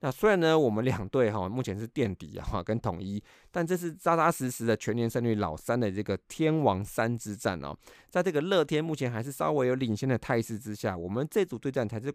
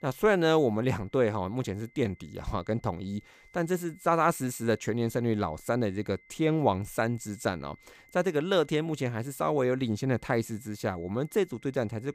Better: first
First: none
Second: high-pitched whine; faint; throughout; 2 kHz, 30 dB below the speech

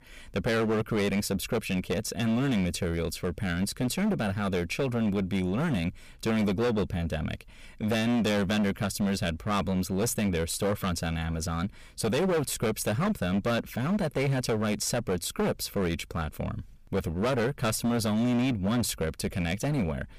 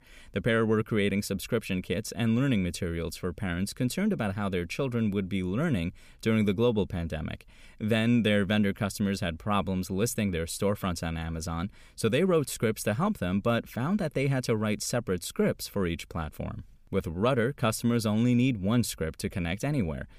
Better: second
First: distortion; heavy; 17% of the sound clipped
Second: none

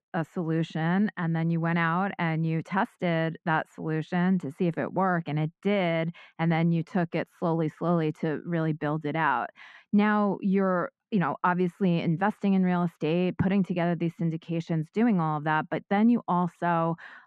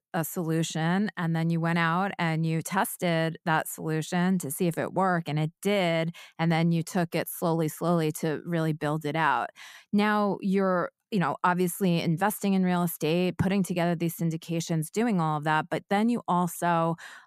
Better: second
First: muffled; slightly; fading above 2 kHz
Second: none

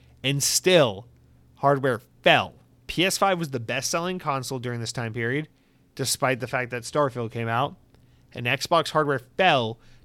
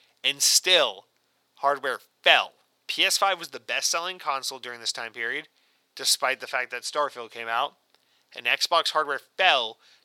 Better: first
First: none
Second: thin; very; fading below 700 Hz

